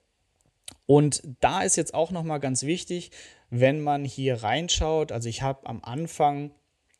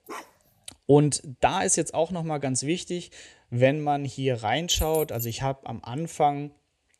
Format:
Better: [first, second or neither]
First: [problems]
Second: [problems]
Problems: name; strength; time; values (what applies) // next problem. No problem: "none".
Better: first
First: none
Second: dog barking; faint; at the start; peak 15 dB below the speech // jangling keys; noticeable; at 4.5 s; peak 9 dB below the speech